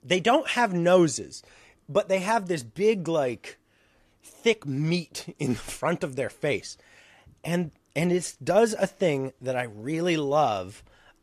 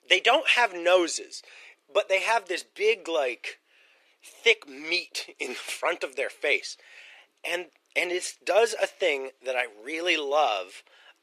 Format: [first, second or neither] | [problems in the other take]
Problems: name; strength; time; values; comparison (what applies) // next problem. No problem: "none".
first | thin; very; fading below 350 Hz